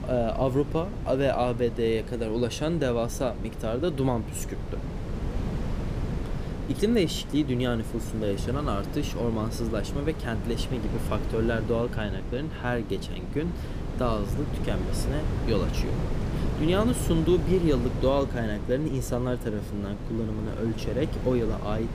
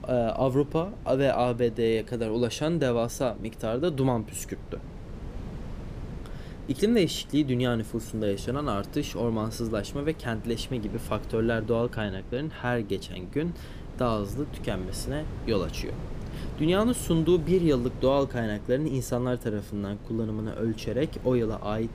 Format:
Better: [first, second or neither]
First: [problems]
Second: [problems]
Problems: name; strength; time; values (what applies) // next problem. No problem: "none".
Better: second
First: wind noise on the microphone; heavy; 10 dB below the speech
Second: wind noise on the microphone; occasional gusts; 20 dB below the speech